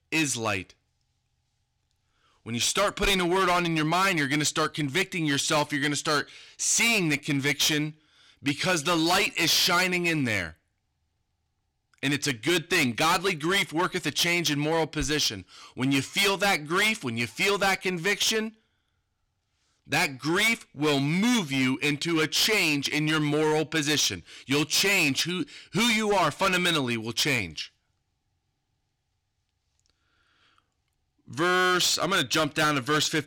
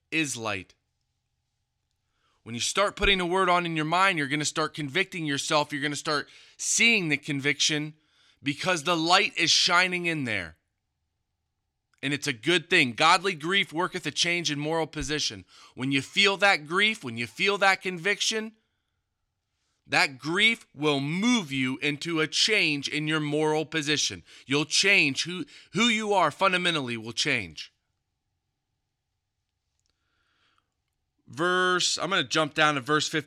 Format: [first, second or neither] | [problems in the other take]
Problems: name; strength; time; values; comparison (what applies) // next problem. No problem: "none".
second | distortion; heavy; 12% of the sound clipped